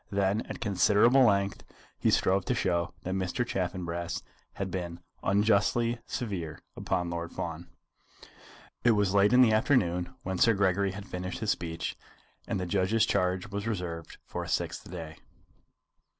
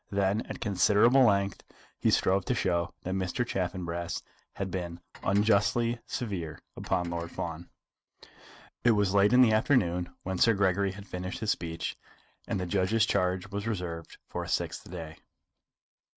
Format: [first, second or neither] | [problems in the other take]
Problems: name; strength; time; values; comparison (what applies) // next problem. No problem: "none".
first | noise reduction (neural mask model RNNoise)